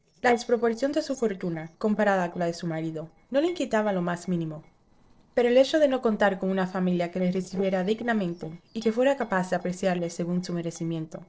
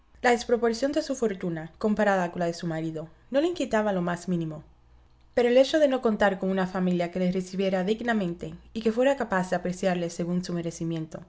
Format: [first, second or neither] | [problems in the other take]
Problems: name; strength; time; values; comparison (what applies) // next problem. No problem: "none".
second | noise reduction (neural separator model SepFormer DNS4)